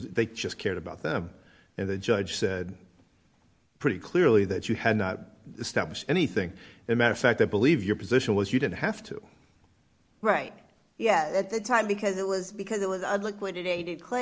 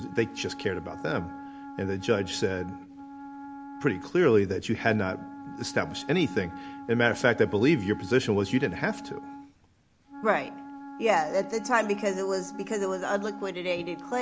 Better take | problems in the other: first | background sound (Wind instrument, woodwind instrument); 14 dB below the speech

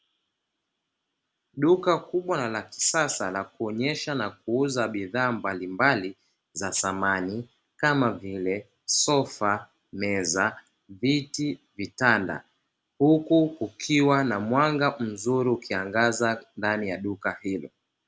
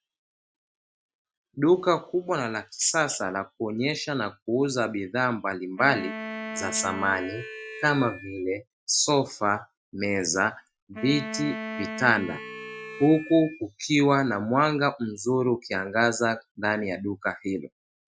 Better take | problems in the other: first | noise reduction (classical method Wiener filter)

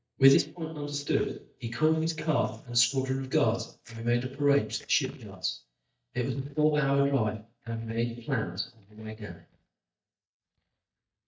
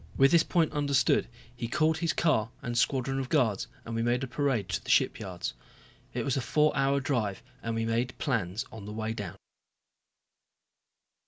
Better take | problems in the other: second | noise reduction (neural mask model DeepFilterNet 3)

